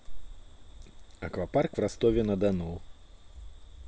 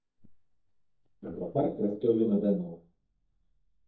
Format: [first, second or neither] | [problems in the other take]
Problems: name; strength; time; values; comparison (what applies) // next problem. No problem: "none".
first | noise reduction (neural mask model DeepFilterNet 3)